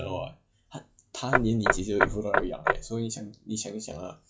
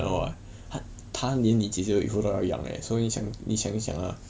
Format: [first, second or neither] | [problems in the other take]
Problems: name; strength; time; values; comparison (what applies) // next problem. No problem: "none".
second | noise reduction (classical method log-MMSE)